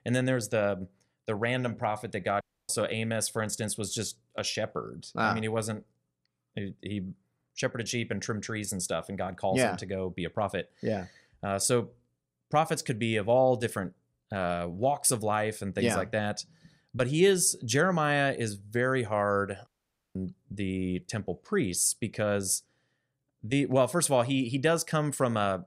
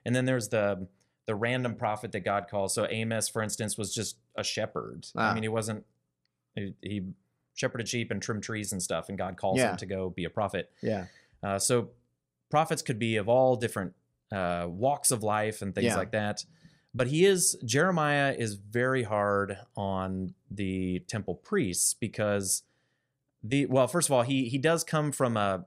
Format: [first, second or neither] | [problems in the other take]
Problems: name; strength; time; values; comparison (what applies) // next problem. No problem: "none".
second | audio cutting out; at 2.5 s and at 20 s